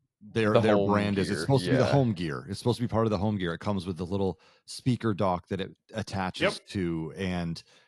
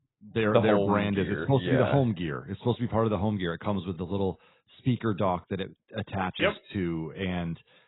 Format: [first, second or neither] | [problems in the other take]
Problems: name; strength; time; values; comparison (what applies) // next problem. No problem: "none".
first | garbled, watery; badly; nothing above 4 kHz; slightly in the first